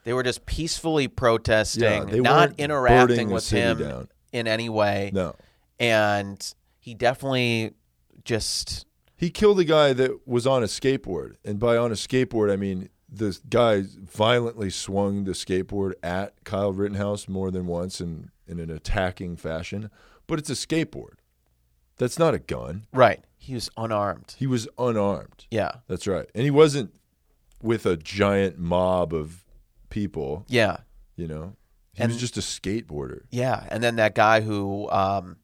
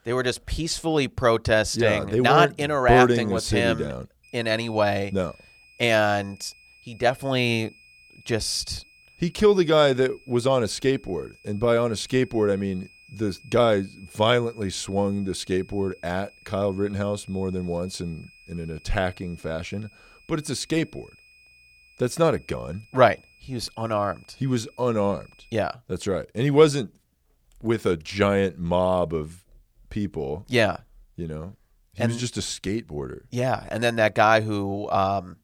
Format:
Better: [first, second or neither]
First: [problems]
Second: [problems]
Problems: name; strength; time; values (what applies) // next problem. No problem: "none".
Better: first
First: none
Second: high-pitched whine; faint; from 4 to 26 s; 2.5 kHz, 25 dB below the speech